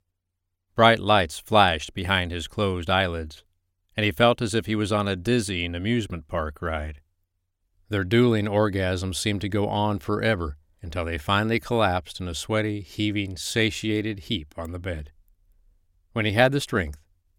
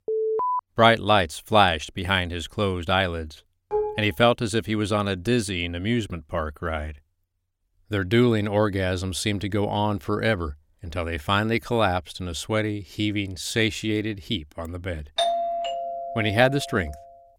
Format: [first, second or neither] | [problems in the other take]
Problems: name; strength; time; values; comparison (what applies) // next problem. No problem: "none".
first | alarm; noticeable; at the start; peak level with the speech // clattering dishes; noticeable; at 3.5 s; peak 3 dB below the speech // doorbell; loud; from 15 to 17 s; peak level with the speech